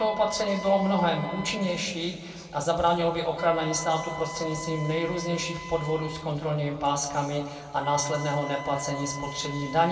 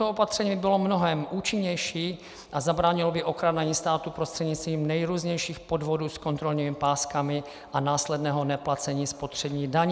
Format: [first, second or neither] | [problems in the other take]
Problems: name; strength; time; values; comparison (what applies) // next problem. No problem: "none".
second | background sound (Wind instrument, woodwind instrument); 13 dB below the speech // room echo; dies away in 1.8 s